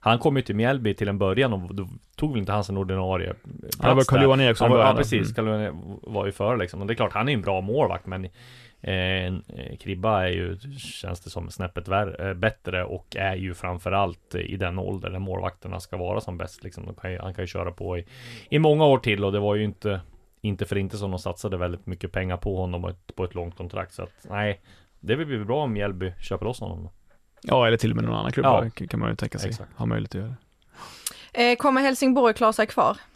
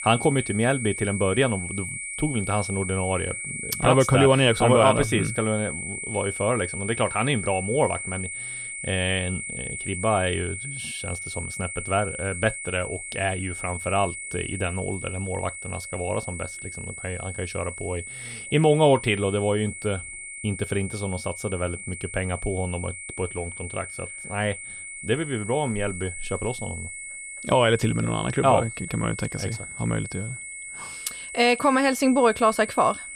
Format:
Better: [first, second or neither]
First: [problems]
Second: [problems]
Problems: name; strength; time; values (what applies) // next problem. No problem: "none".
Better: first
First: none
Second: high-pitched whine; loud; throughout; 2 kHz, 8 dB below the speech